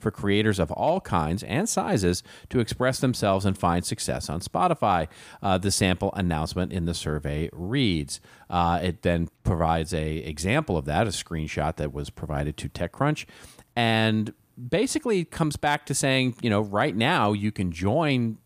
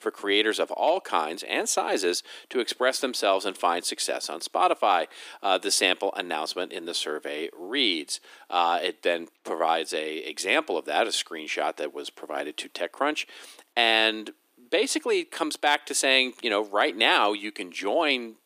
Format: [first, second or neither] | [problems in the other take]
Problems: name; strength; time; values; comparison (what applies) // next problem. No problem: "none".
first | thin; very; fading below 300 Hz